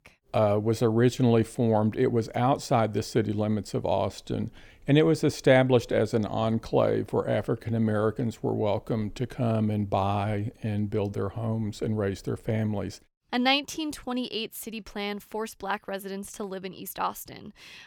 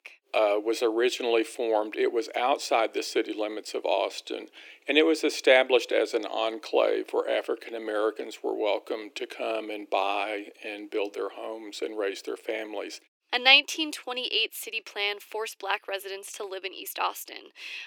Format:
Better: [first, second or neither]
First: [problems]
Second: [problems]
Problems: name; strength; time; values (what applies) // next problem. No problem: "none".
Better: first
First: none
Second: thin; very; fading below 300 Hz